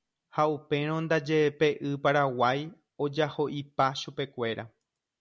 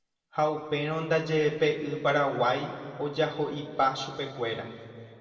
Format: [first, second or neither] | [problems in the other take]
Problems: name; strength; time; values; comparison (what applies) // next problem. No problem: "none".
first | room echo; dies away in 2.2 s